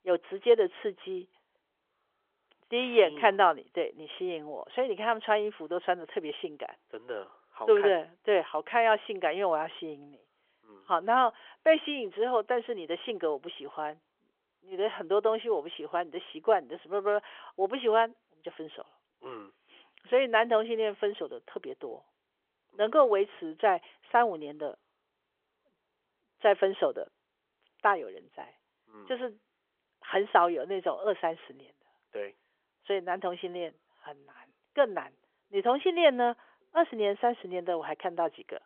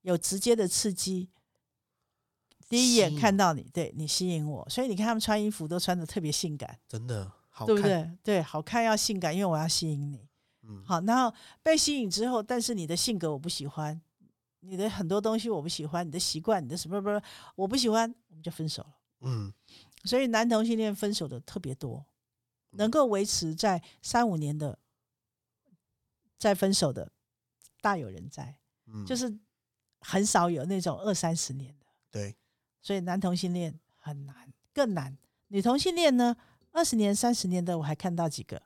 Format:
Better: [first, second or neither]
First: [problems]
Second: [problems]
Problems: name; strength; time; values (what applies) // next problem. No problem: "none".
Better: second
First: phone-call audio; nothing above 3.5 kHz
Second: none